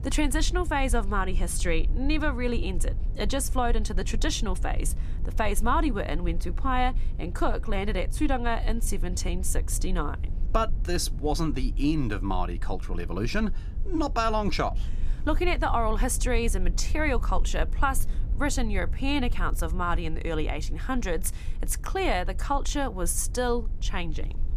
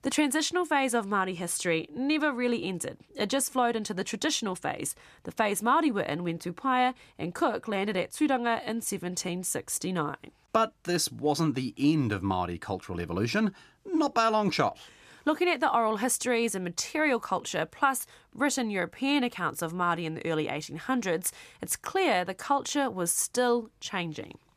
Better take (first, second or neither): second